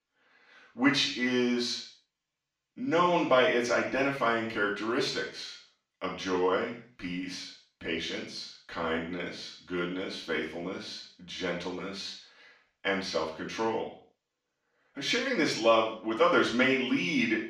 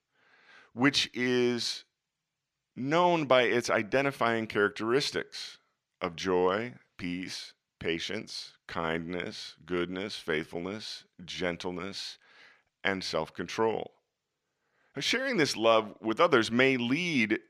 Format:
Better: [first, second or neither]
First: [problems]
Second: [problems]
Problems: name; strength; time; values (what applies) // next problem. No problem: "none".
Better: second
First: room echo; noticeable; dies away in 0.5 s // off-mic speech; far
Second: none